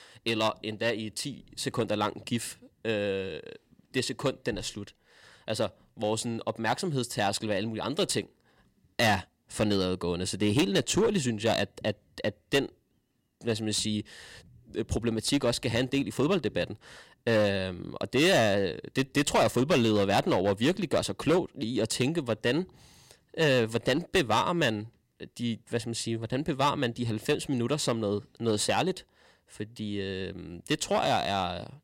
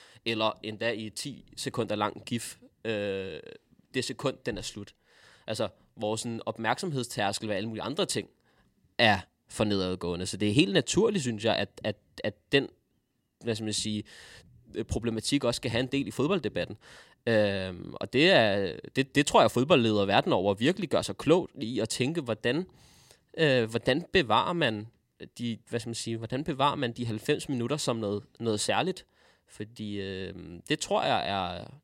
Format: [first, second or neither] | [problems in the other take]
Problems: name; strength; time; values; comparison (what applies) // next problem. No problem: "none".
second | distortion; slight; 5% of the sound clipped